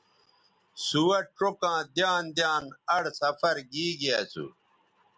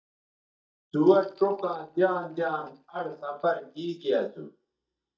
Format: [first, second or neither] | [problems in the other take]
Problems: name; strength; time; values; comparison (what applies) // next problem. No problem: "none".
first | noise reduction (neural mask model DeepFilterNet 3)